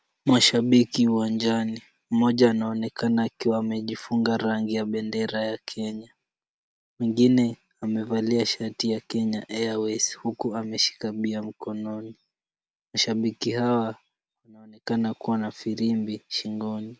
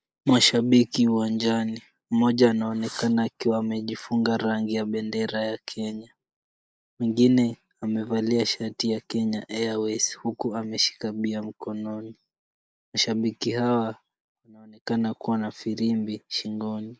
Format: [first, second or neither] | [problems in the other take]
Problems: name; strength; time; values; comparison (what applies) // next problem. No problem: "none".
first | noise reduction (neural mask model Resemble Enhance denoiser)